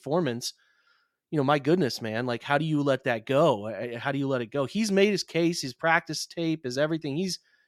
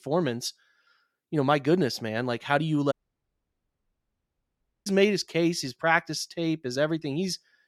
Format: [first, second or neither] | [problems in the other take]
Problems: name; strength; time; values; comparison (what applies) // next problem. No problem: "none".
first | audio cutting out; at 3 s for 2 s